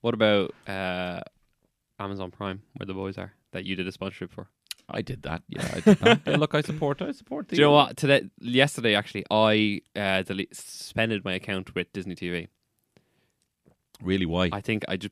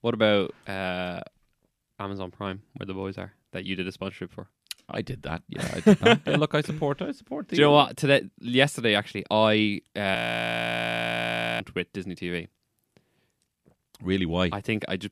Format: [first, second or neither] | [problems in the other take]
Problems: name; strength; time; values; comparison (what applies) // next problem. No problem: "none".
first | audio freezing; at 10 s for 1.5 s